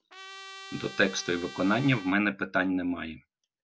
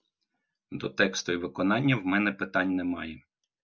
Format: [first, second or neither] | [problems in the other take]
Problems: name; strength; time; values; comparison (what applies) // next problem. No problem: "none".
second | background sound (Trumpet); 15 dB below the speech